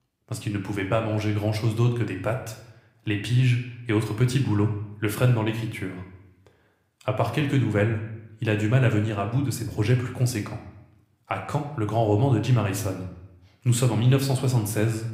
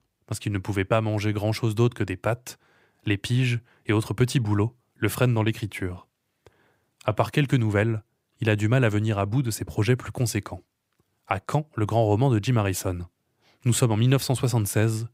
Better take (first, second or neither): second